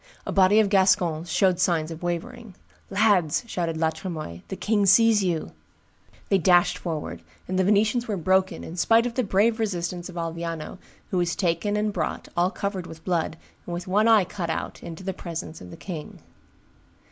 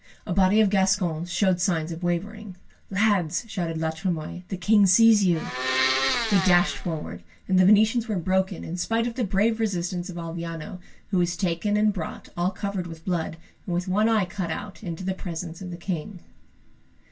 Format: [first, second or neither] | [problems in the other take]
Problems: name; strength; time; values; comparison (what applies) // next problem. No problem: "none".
first | background sound (Domestic sounds, home sounds); 3 dB below the speech // room echo; dies away in 0.1 s